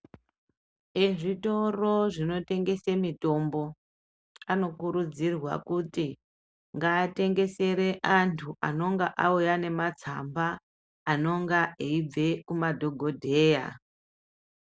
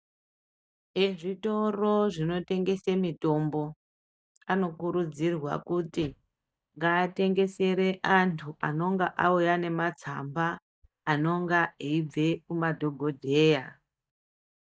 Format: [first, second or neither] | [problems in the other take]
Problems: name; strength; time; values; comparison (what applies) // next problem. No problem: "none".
first | noise reduction (neural mask model DeepFilterNet 3)